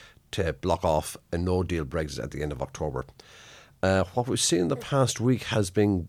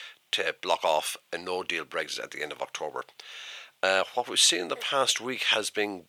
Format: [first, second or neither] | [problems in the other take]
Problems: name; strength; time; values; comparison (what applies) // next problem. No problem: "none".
first | thin; very; fading below 600 Hz